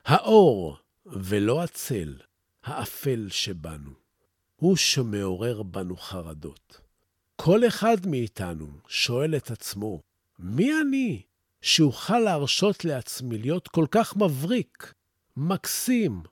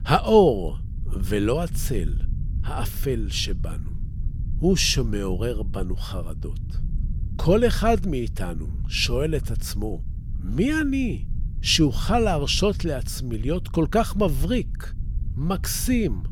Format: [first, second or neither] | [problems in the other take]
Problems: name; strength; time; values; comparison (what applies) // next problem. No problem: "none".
first | low rumble; faint; throughout; 25 dB below the speech